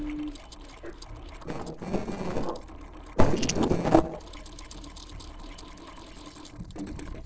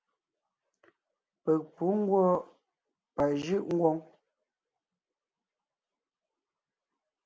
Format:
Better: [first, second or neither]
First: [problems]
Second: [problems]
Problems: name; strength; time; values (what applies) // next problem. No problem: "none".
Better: second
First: noise reduction (neural separator model SepFormer DNS4)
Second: none